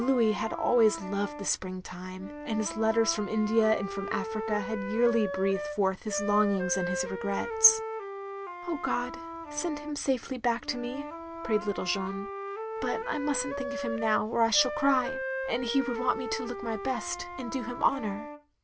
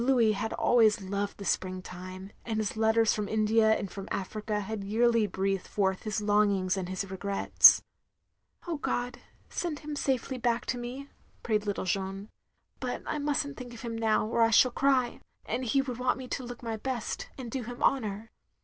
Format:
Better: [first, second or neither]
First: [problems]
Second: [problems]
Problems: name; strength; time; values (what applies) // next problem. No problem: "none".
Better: second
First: background sound (Wind instrument, woodwind instrument); 7 dB below the speech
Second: none